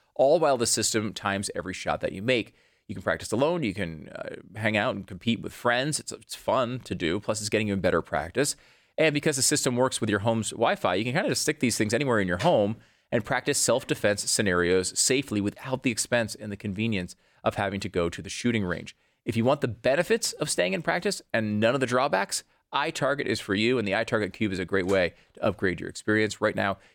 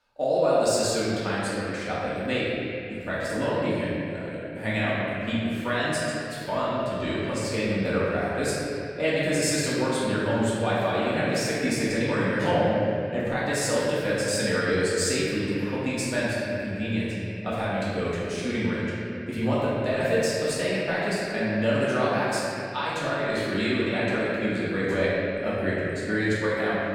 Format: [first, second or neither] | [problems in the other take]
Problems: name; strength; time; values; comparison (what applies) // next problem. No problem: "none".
first | room echo; strong; dies away in 2.9 s // off-mic speech; far